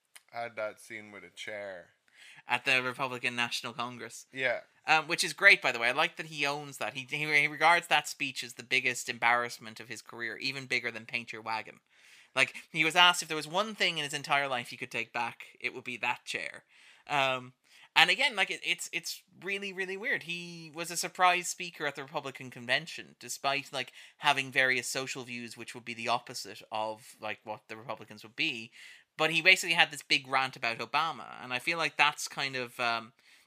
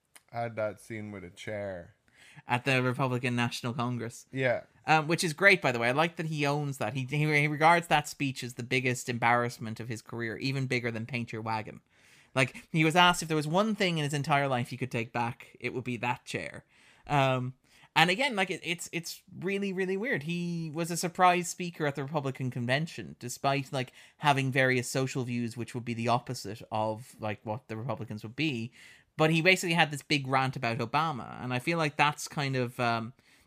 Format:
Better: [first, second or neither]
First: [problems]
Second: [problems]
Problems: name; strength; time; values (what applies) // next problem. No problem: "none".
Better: second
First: thin; somewhat; fading below 800 Hz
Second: none